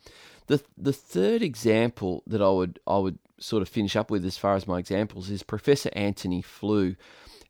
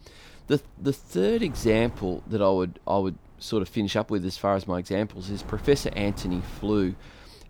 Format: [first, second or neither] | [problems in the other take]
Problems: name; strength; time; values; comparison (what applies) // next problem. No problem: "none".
first | wind noise on the microphone; occasional gusts; 20 dB below the speech